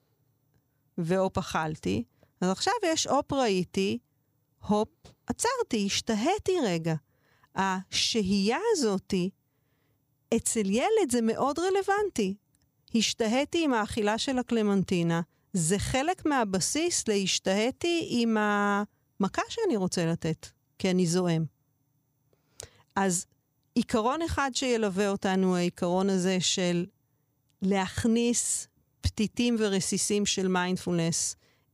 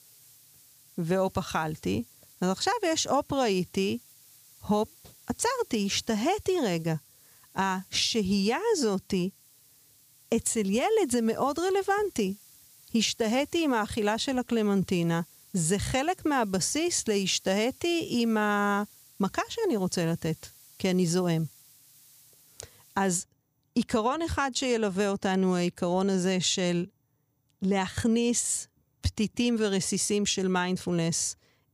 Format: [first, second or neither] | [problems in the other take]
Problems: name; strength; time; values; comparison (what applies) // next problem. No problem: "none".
first | hiss; faint; until 23 s; 25 dB below the speech